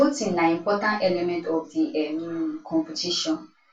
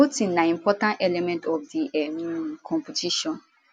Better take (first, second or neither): second